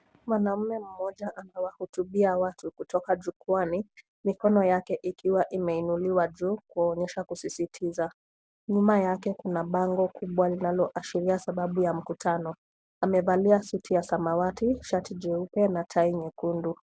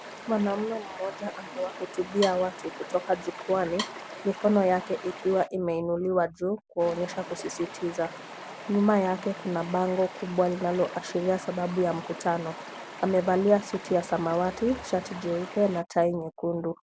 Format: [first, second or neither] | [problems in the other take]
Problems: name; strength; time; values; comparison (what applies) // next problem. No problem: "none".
first | background sound (Stream + Wood); 13 dB below the speech